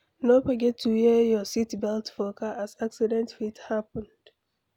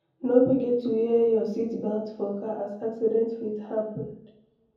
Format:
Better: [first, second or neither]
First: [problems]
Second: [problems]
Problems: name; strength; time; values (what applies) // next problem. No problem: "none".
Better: first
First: none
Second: room echo; dies away in 0.7 s